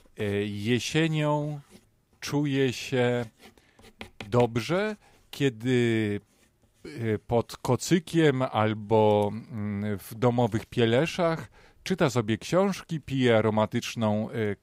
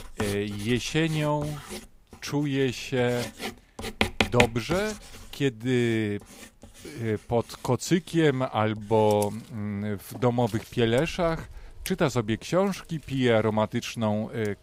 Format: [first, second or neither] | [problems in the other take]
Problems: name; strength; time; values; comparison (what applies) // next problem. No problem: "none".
first | household noises; loud; throughout; 7 dB below the speech; faint in the first